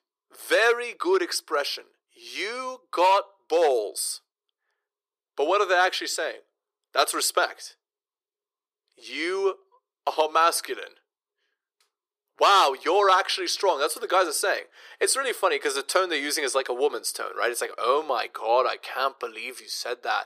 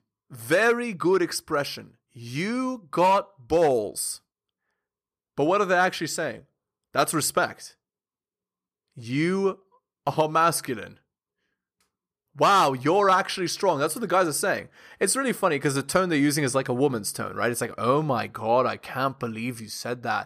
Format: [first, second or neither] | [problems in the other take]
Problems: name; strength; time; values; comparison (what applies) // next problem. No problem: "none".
second | thin; very; fading below 400 Hz